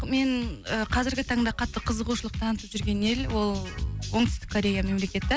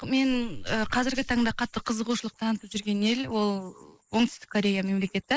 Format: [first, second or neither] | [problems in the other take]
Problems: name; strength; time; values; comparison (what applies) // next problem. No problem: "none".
first | noise reduction (neural mask model Resemble Enhance denoiser)